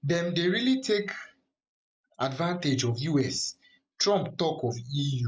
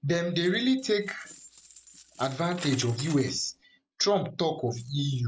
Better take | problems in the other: first | background sound (Coin (dropping)); 20 dB below the speech

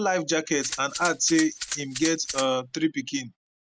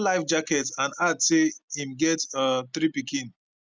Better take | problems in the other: second | background sound (Rattle (instrument)); 9 dB below the speech

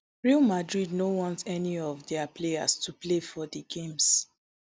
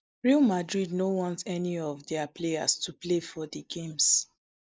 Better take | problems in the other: first | noise reduction (neural mask model Resemble Enhance denoiser)

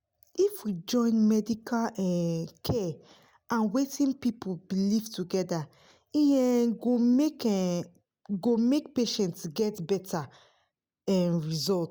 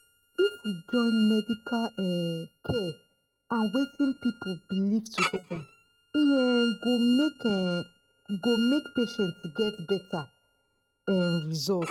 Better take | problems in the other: first | noise reduction (neural mask model RNNoise)

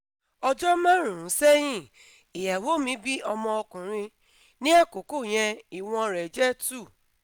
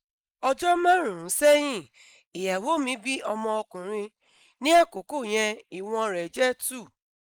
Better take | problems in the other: first | noise reduction (neural mask model Resemble Enhance denoiser)

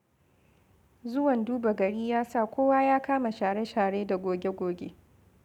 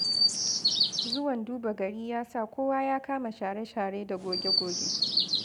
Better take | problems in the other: first | background sound (Chirp, tweet); 2 dB above the speech

